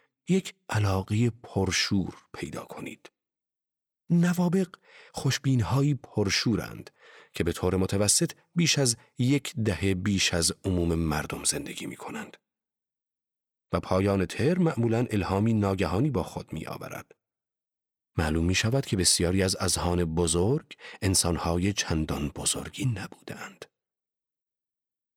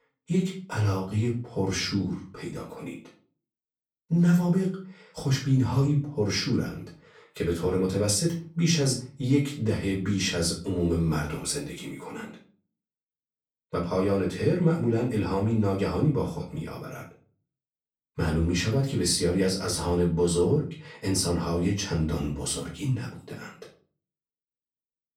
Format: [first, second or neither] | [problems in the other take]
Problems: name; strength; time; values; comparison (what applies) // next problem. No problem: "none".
first | off-mic speech; far // room echo; slight; dies away in 0.4 s